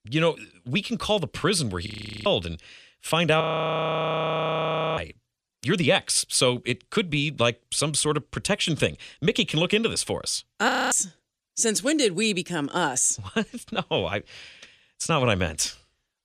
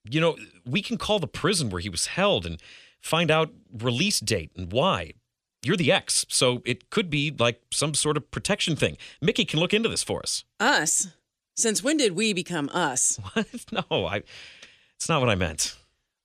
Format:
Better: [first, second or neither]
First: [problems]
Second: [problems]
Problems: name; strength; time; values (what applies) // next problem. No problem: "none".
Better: second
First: audio freezing; at 2 s, at 3.5 s for 1.5 s and at 11 s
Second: none